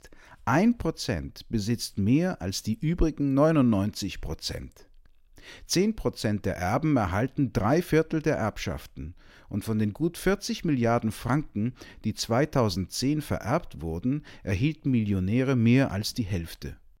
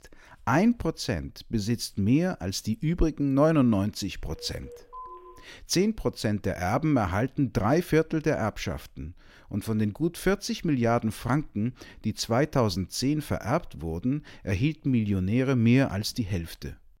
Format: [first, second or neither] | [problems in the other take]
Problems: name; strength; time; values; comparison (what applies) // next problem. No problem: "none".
first | phone ringing; faint; from 4.5 to 5.5 s; peak 15 dB below the speech